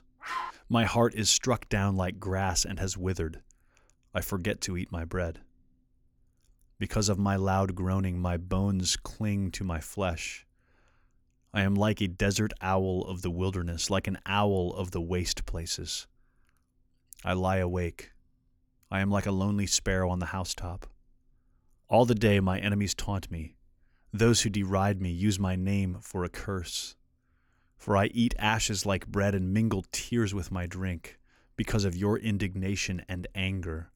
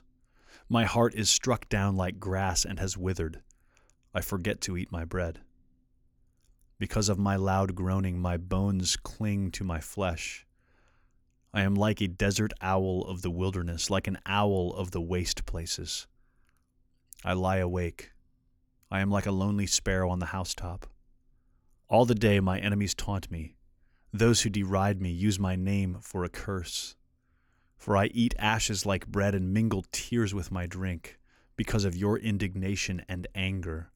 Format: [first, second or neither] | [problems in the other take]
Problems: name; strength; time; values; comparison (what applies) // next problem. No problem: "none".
second | dog barking; noticeable; at the start; peak 6 dB below the speech